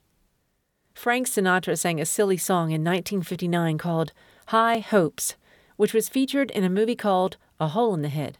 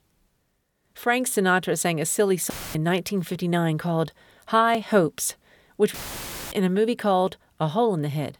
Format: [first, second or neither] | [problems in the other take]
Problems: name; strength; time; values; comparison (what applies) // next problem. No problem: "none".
first | audio cutting out; filled with static; at 2.5 s and at 6 s for 0.5 s